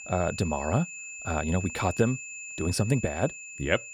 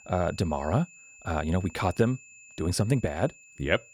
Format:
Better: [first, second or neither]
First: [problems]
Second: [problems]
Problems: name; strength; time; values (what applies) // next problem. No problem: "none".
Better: second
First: high-pitched whine; loud; throughout; 2.5 kHz, 9 dB below the speech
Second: high-pitched whine; faint; throughout; 2.5 kHz, 20 dB below the speech